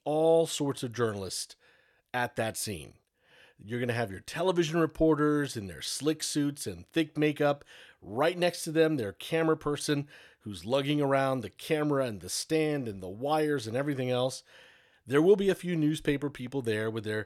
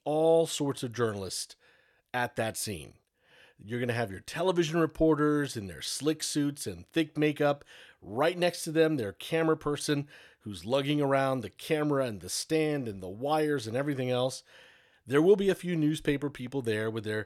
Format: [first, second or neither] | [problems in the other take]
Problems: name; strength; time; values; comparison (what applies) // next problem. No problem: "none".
neither | none